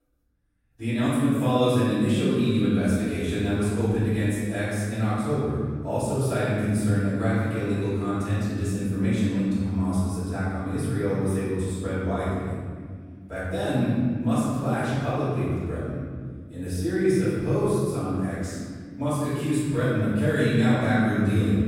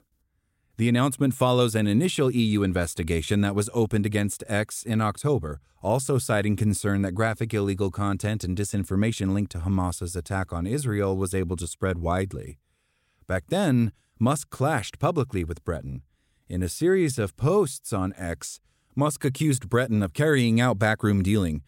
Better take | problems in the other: second | off-mic speech; far // room echo; strong; dies away in 2.2 s

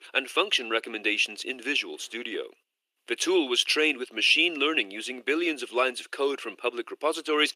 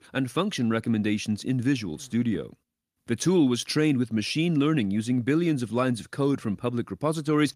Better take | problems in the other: second | thin; very; fading below 350 Hz

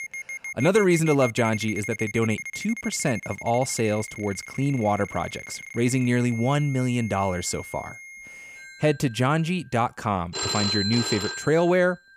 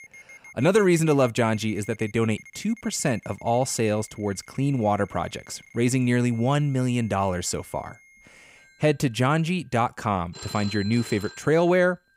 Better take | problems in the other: second | alarms or sirens; loud; throughout; 8 dB below the speech; faint in the second

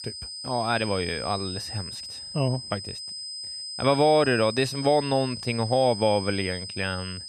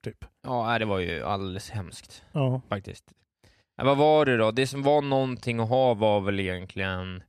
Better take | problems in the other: second | high-pitched whine; loud; throughout; 5 kHz, 9 dB below the speech

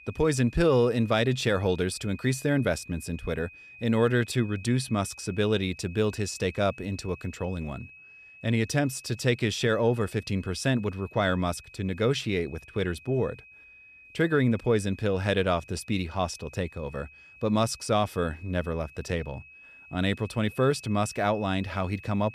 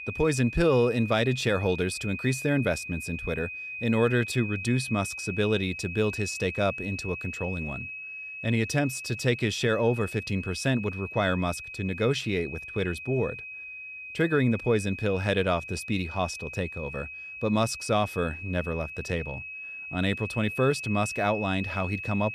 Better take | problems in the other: first | high-pitched whine; loud; throughout; 2.5 kHz, 8 dB below the speech; faint in the first

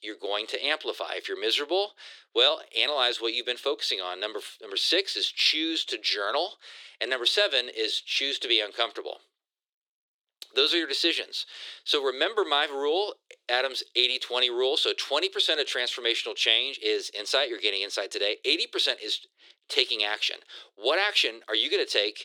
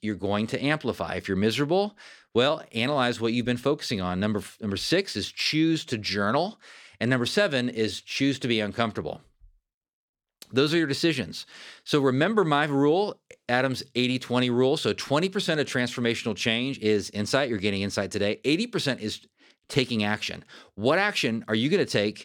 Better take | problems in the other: second | thin; very; fading below 350 Hz

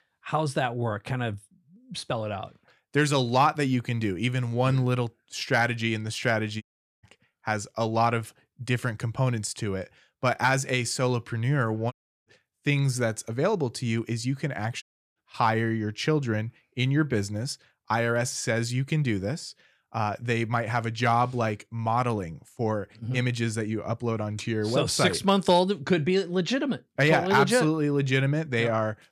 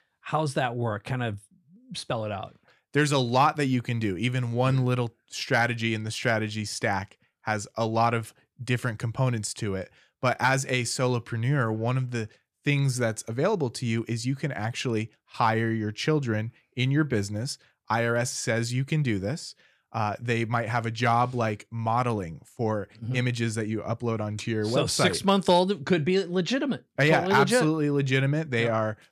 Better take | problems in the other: second | audio cutting out; at 6.5 s, at 12 s and at 15 s

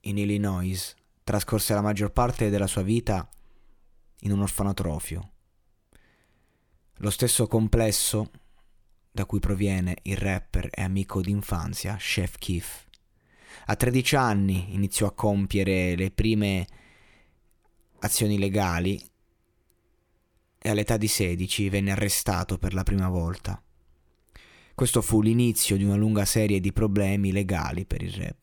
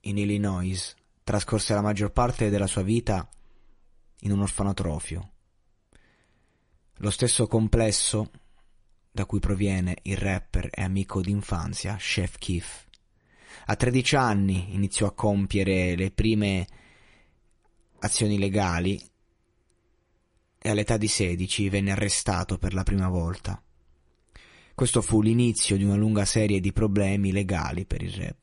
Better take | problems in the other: first | garbled, watery; slightly; nothing above 10.5 kHz

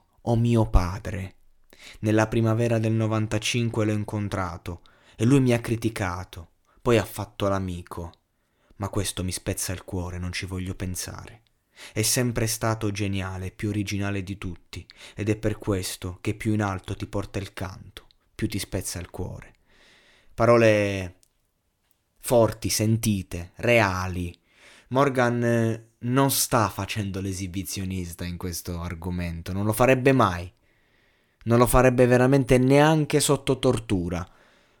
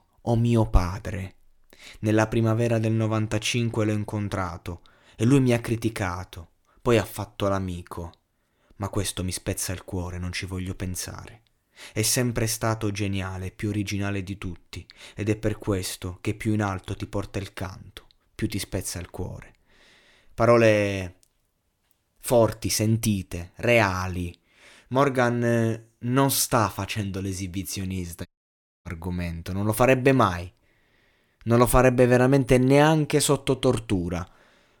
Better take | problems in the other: first | audio cutting out; at 28 s for 0.5 s

